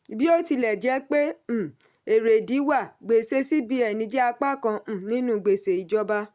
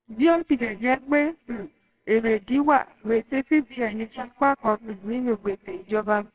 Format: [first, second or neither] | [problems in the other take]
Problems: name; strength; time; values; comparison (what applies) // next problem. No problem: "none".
first | noise reduction (neural separator model SepFormer WHAMR!)